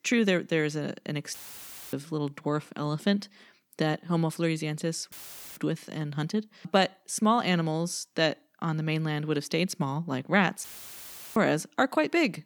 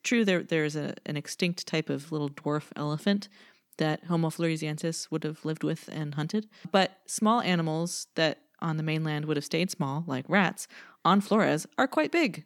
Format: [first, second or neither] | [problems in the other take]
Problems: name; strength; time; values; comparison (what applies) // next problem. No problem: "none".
second | audio cutting out; filled with static; at 1.5 s for 0.5 s, at 5 s and at 11 s for 0.5 s